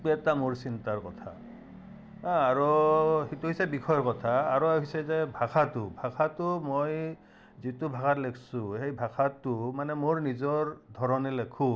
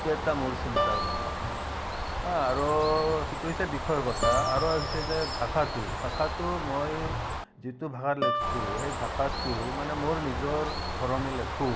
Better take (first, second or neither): first